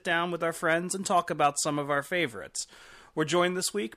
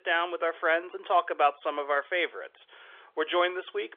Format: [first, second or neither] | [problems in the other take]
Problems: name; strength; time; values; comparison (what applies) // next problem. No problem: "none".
first | phone-call audio; nothing above 3.5 kHz